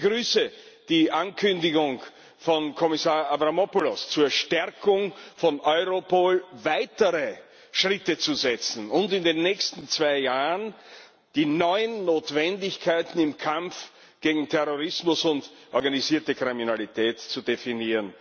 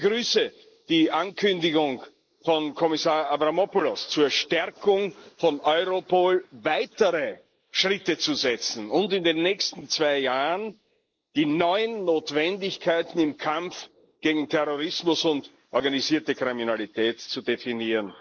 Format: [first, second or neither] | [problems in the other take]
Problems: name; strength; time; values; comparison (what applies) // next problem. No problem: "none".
first | noise reduction (neural mask model Resemble Enhance denoiser)